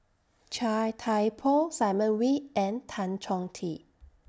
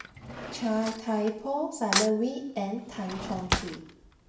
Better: first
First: none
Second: background sound (Cutlery, silverware / Drawer open or close); 4 dB below the speech // room echo; dies away in 0.8 s

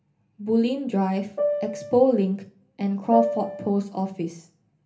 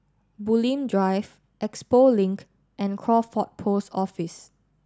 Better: second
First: background sound (Piano); 2 dB below the speech // room echo; dies away in 0.3 s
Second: none

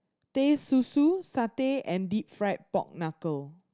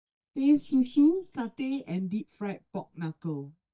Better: first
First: none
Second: noise reduction (neural mask model DeepFilterNet 3)

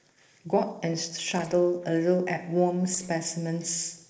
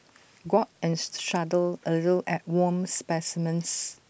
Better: second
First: noise reduction (neural separator model SepFormer DNS4)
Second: none

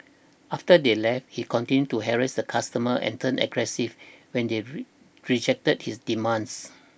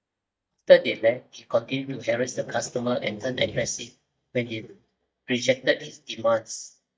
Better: first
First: none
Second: noise reduction (neural mask model DeepFilterNet 3)

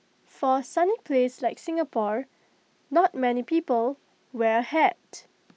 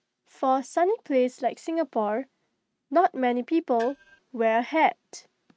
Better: first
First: none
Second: noise reduction (neural mask model RNNoise)

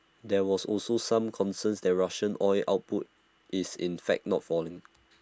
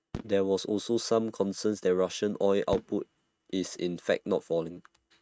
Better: first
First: none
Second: noise reduction (neural mask model RNNoise)

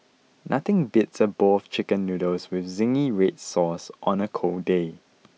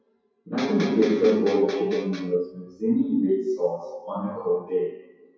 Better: first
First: none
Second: noise reduction (classical method WPE with log-MMSE)

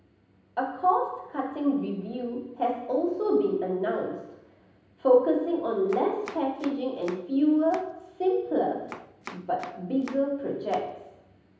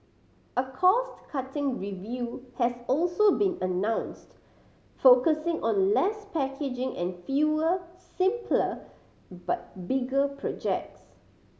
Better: second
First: background sound (Domestic sounds, home sounds); 18 dB below the speech // room echo; dies away in 0.9 s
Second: none

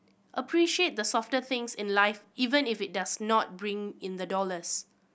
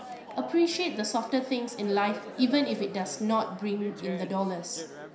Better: first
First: none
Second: background sound (Chatter); 12 dB below the speech // room echo; dies away in 0.5 s

